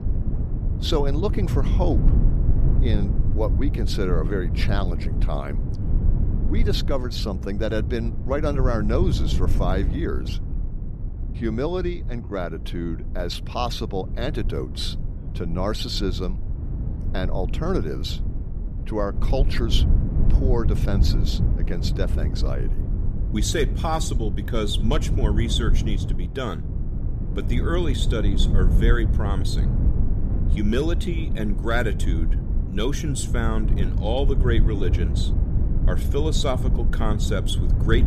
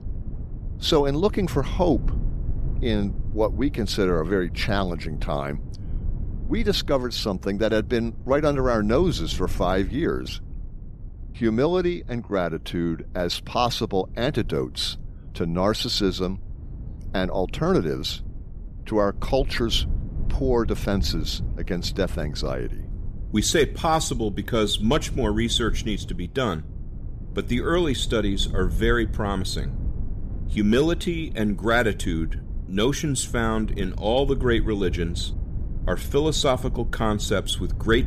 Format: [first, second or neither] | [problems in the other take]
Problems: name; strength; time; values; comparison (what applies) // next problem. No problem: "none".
second | low rumble; loud; throughout; 9 dB below the speech; faint in the second